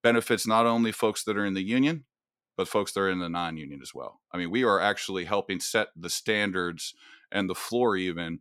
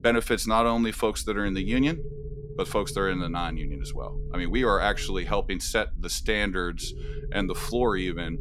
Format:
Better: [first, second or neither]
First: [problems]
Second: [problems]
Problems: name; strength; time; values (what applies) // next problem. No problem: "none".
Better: first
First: none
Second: low rumble; noticeable; throughout; 20 dB below the speech